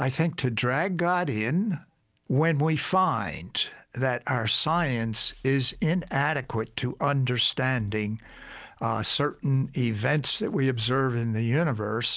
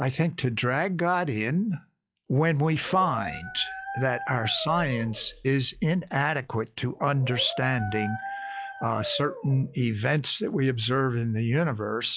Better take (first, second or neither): first